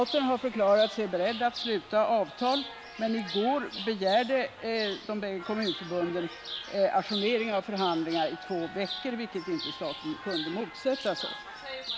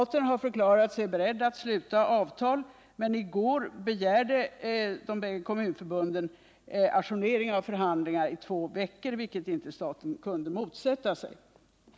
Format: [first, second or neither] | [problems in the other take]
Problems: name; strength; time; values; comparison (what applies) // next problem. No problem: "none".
second | background sound (Chirp, tweet); 10 dB below the speech